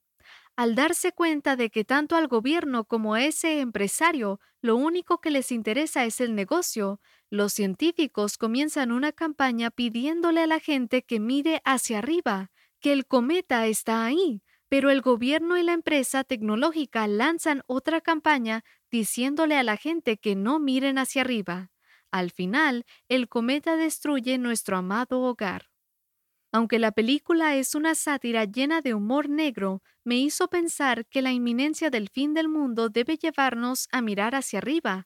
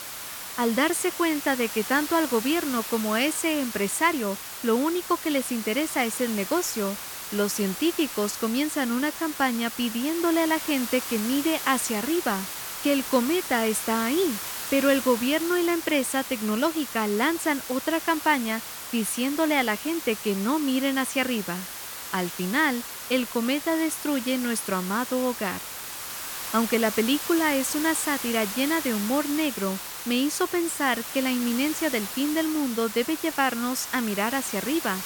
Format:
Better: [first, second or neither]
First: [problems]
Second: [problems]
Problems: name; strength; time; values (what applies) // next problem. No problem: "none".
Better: first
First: none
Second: hiss; loud; throughout; 7 dB below the speech